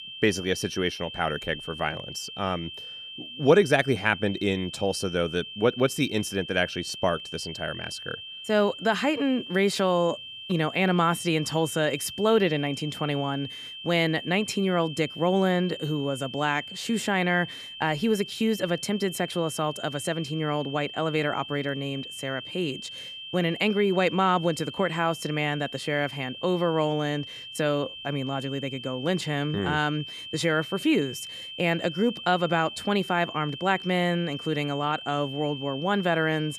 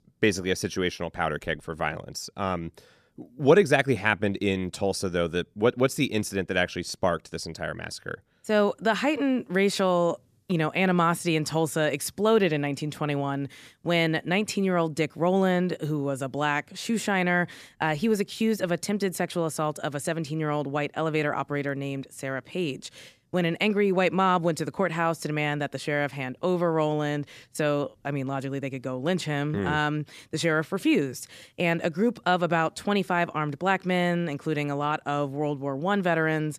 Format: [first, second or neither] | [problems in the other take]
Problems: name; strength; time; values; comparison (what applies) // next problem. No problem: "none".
second | high-pitched whine; noticeable; throughout; 3 kHz, 10 dB below the speech